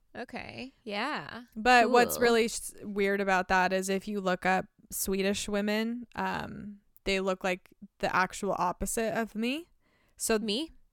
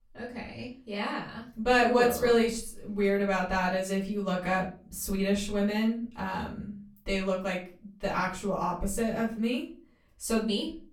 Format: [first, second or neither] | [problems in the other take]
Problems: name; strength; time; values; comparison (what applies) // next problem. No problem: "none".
first | off-mic speech; far // room echo; slight; dies away in 0.3 s